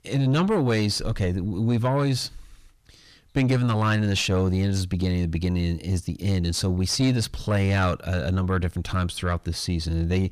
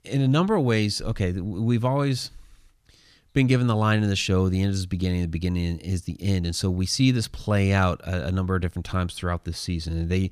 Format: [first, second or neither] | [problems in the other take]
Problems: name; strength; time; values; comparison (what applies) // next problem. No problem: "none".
second | distortion; slight; 9 dB below the speech